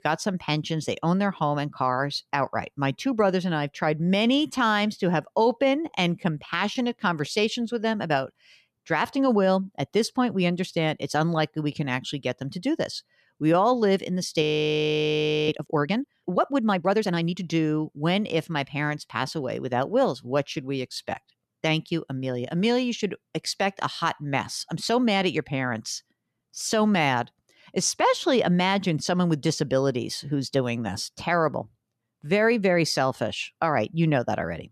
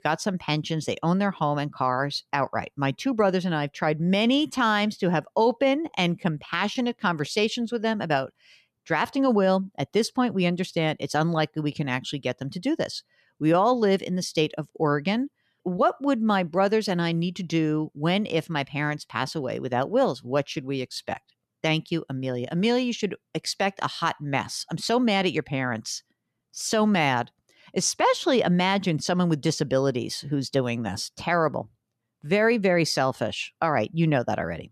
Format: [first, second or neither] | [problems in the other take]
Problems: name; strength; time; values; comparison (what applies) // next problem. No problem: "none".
second | audio freezing; at 14 s for 1 s